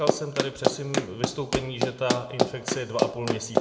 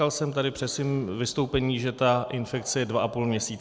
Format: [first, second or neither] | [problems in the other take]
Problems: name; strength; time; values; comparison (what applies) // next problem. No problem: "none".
second | background sound (Run); 3 dB above the speech // room echo; dies away in 0.7 s